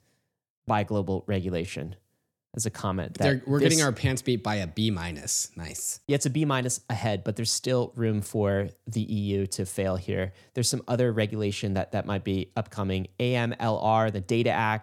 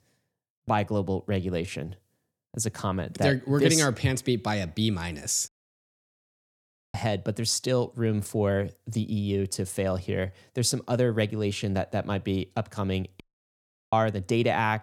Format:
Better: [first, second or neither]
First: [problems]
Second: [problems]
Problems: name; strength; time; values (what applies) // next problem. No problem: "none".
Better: first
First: none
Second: audio cutting out; at 5.5 s for 1.5 s and at 13 s for 0.5 s